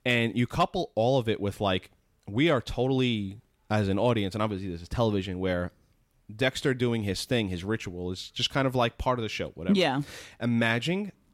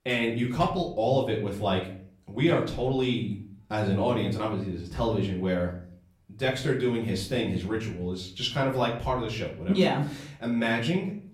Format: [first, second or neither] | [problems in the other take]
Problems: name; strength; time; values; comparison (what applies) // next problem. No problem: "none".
first | room echo; slight; dies away in 0.5 s // off-mic speech; far